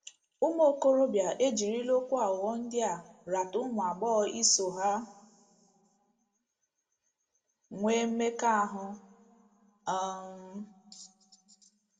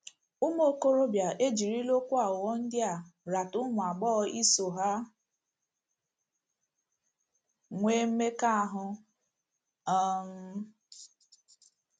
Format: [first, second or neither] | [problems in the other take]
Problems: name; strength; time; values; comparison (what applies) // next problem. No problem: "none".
second | room echo; dies away in 1.1 s